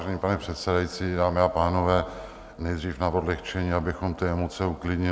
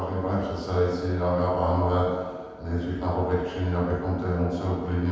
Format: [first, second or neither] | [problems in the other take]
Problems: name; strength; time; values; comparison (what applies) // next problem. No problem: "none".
first | room echo; dies away in 1.2 s